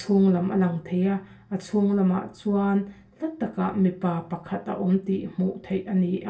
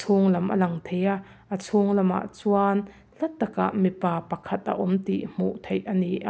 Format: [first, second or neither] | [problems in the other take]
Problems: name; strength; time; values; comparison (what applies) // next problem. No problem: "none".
second | room echo; dies away in 0.2 s